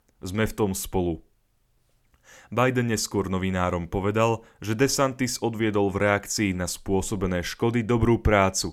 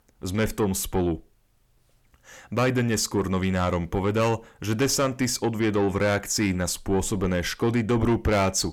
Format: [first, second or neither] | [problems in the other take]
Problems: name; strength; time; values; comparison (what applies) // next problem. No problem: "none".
first | distortion; slight; 10 dB below the speech